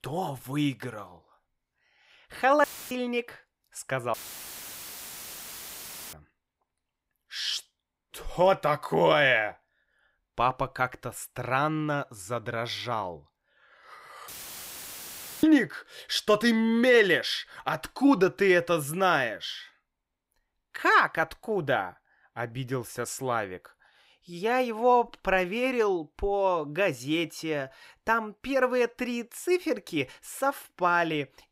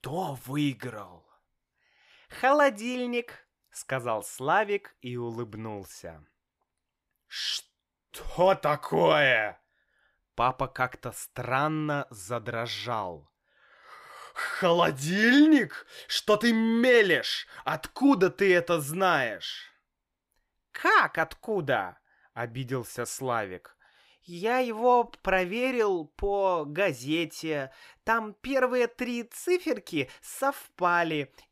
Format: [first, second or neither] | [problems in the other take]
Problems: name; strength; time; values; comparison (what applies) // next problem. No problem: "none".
second | audio cutting out; filled with static; at 2.5 s, at 4 s for 2 s and at 14 s for 1 s